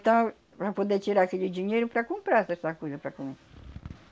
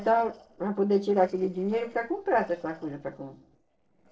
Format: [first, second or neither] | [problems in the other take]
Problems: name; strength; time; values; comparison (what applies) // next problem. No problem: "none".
first | noise reduction (neural separator model SepFormer DNS4)